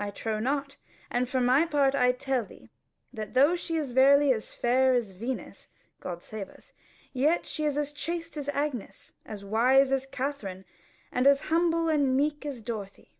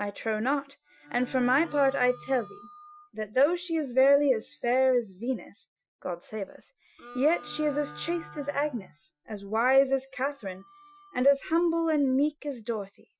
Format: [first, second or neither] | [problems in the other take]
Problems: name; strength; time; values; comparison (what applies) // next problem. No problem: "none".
first | noise reduction (classical method Wiener filter)